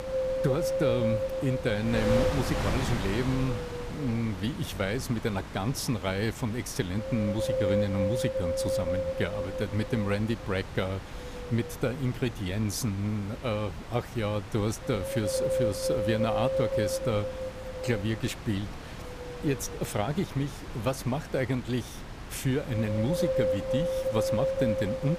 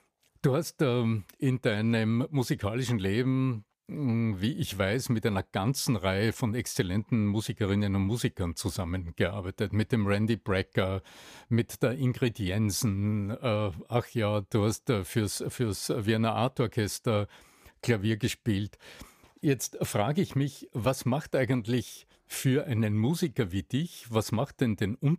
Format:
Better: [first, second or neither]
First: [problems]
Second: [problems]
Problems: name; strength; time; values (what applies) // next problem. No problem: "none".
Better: second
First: wind noise on the microphone; heavy; 3 dB above the speech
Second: none